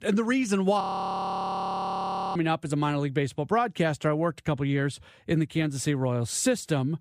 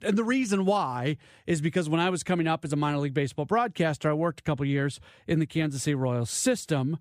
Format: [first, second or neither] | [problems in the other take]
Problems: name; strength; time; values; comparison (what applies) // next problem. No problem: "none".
second | audio freezing; at 1 s for 1.5 s